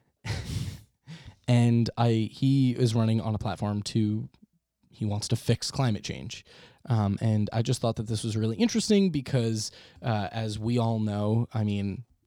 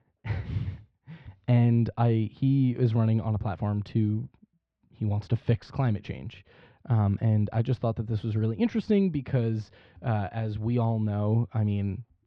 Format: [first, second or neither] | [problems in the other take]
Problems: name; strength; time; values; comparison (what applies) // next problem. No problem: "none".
first | muffled; very; fading above 2.5 kHz